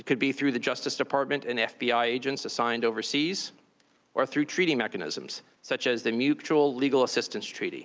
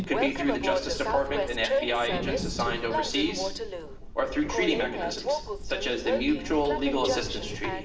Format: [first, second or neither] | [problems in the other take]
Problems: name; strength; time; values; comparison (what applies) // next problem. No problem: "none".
first | background sound (Train); 2 dB below the speech // room echo; dies away in 0.9 s